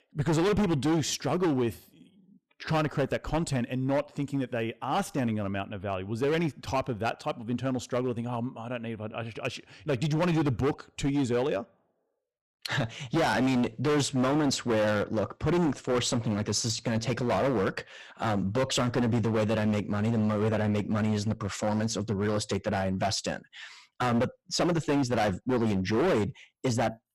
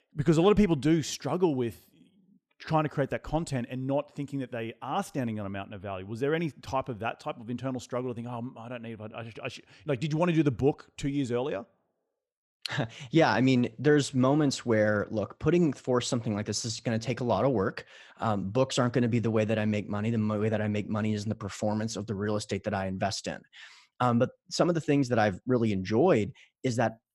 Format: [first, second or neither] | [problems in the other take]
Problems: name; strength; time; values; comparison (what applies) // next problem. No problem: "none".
second | distortion; heavy; 14% of the sound clipped